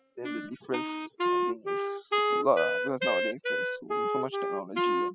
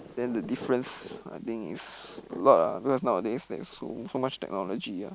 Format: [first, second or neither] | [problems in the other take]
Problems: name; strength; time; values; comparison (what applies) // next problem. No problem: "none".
second | noise reduction (classical method spectral subtraction)